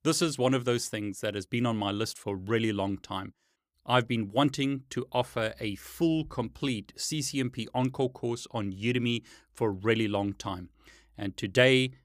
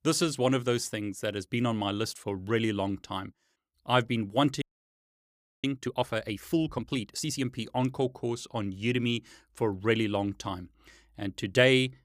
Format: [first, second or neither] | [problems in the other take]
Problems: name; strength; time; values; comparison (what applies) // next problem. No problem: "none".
first | audio freezing; at 4.5 s for 1 s